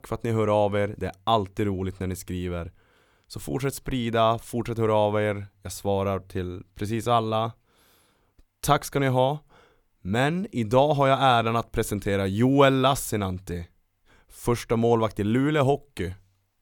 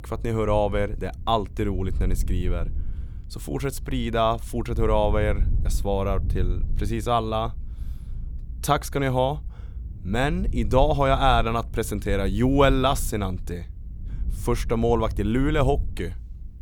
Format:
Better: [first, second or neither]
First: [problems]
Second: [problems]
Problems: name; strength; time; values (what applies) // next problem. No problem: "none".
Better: first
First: none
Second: low rumble; faint; throughout; 25 dB below the speech